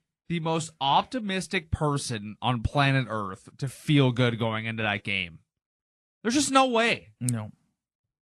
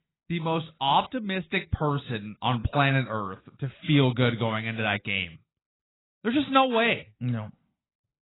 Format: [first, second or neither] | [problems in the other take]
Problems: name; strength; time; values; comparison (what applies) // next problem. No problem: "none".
first | garbled, watery; badly; nothing above 4 kHz; slightly in the first